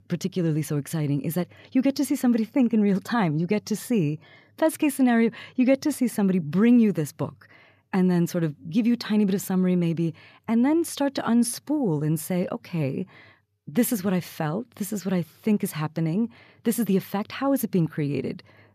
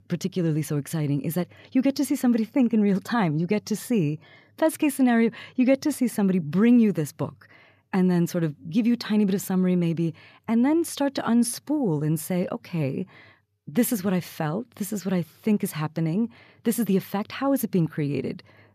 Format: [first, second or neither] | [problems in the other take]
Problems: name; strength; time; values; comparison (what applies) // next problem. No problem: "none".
neither | none